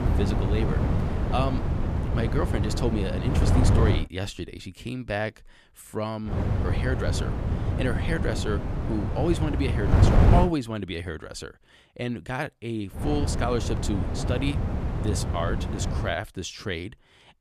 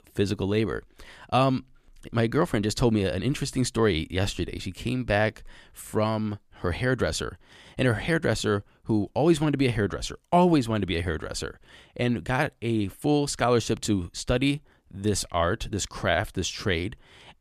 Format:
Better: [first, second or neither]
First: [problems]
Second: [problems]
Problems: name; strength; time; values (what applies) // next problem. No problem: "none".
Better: second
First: wind noise on the microphone; heavy; until 4 s, from 6.5 to 10 s and from 13 to 16 s; 2 dB below the speech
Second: none